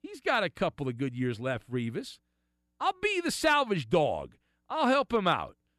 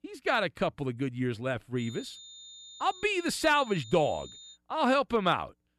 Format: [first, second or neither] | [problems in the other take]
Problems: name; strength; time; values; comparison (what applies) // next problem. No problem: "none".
first | high-pitched whine; noticeable; from 2 to 4.5 s; 3.5 kHz, 15 dB below the speech